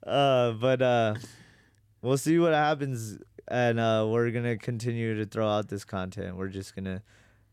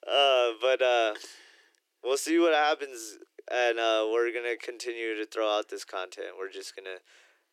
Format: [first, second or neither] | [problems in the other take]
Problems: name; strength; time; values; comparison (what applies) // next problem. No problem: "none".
first | thin; very; fading below 350 Hz